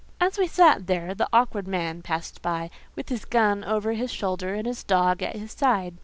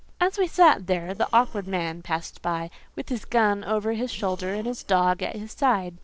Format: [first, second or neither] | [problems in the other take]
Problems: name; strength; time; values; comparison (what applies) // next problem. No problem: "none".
first | noise reduction (neural separator model SepFormer DNS4)